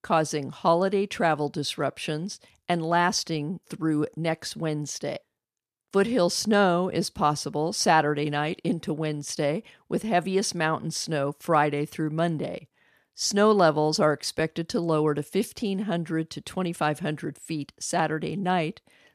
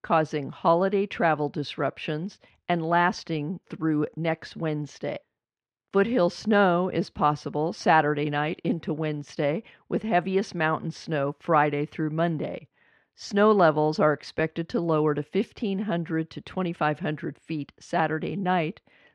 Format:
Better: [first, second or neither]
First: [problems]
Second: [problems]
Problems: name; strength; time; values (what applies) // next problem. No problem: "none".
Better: first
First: none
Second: muffled; slightly; fading above 2.5 kHz